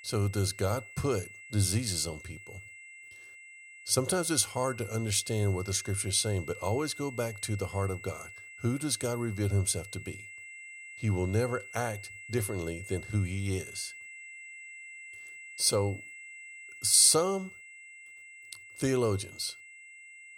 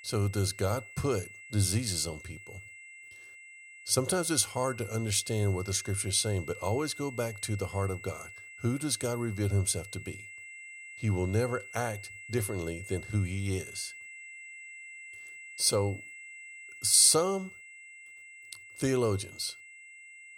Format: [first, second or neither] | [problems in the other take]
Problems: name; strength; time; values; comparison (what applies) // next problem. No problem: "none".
neither | high-pitched whine; noticeable; throughout; 2 kHz, 15 dB below the speech; the same in both